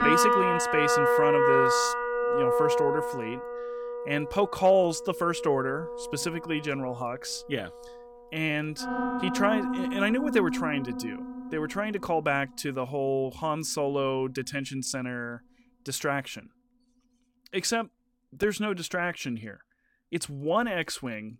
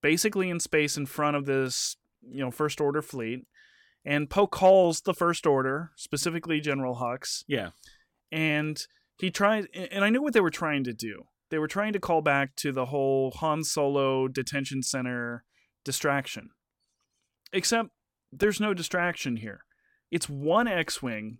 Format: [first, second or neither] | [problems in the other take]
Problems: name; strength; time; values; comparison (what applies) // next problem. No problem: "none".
second | background music; very loud; throughout; 2 dB above the speech